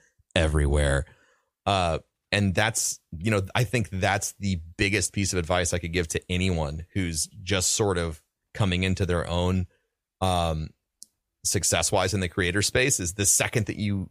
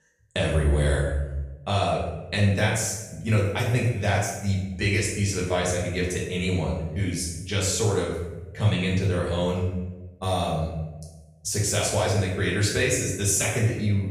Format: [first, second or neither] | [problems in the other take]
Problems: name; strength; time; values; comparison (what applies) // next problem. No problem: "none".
first | off-mic speech; far // room echo; noticeable; dies away in 0.9 s